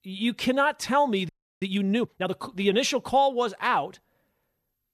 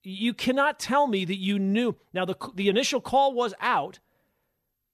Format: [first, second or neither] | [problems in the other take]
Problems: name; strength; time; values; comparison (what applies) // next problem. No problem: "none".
second | audio freezing; at 1.5 s